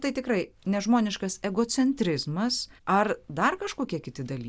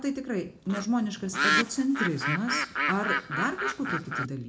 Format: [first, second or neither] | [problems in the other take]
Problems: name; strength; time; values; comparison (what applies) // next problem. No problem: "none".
first | background sound (Bird); as loud as the speech // room echo; dies away in 0.3 s